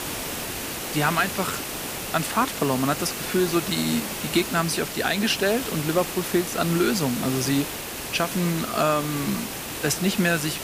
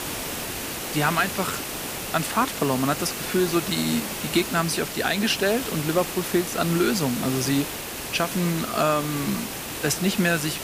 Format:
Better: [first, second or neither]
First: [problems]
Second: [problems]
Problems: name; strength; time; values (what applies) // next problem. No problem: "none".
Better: neither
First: hiss; loud; throughout; 5 dB below the speech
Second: hiss; loud; throughout; 5 dB below the speech